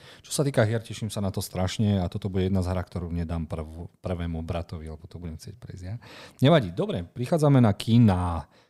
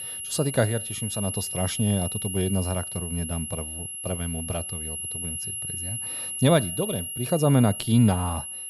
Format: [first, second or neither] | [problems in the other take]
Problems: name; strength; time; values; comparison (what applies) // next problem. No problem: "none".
first | high-pitched whine; loud; throughout; 11 kHz, 5 dB below the speech